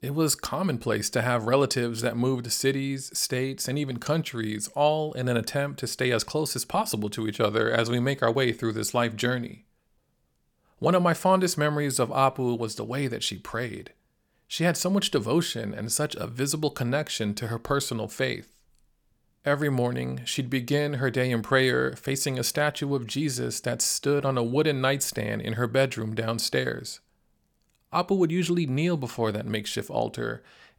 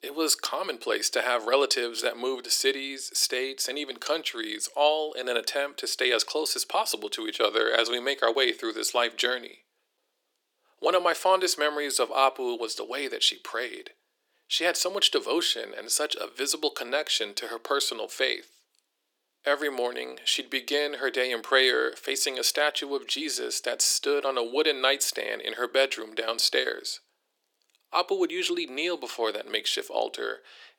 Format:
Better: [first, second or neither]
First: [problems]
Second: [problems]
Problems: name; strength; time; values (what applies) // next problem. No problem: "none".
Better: first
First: none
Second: thin; very; fading below 350 Hz